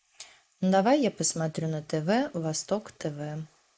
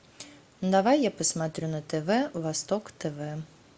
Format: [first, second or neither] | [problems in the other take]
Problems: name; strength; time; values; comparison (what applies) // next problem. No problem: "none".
second | noise reduction (neural mask model Resemble Enhance denoiser)